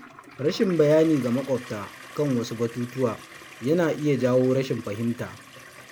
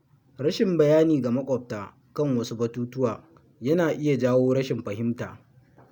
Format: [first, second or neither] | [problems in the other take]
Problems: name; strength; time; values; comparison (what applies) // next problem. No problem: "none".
second | background sound (Toilet flush); 19 dB below the speech